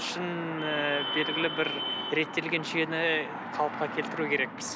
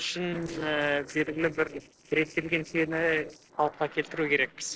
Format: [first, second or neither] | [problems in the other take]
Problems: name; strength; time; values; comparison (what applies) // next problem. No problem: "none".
first | noise reduction (neural separator model SepFormer DNS4)